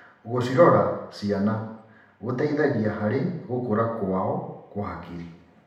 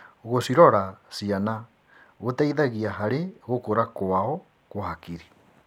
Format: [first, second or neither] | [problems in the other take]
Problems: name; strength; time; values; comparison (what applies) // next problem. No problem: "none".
second | room echo; dies away in 0.8 s